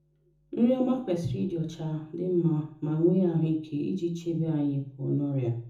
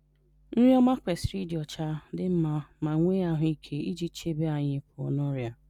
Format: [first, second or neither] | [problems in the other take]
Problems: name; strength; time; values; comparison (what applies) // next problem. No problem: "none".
second | room echo; dies away in 0.6 s